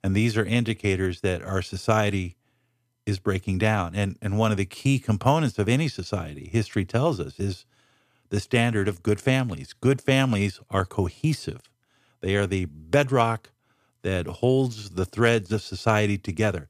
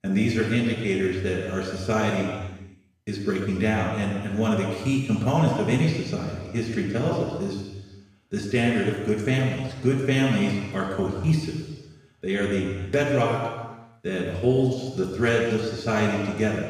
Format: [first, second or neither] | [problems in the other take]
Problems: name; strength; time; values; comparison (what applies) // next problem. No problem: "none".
first | room echo; strong; dies away in 1.3 s // off-mic speech; far